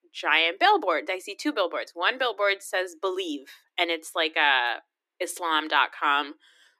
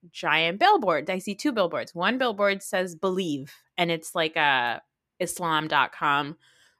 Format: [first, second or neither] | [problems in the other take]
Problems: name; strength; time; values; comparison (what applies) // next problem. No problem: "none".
second | thin; very slightly; fading below 300 Hz